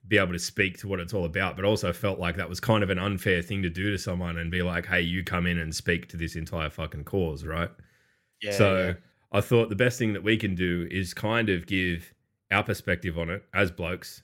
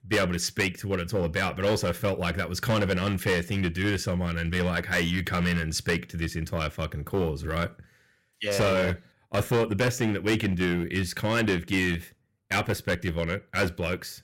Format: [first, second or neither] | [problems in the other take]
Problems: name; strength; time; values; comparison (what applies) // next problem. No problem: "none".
first | distortion; heavy; 8% of the sound clipped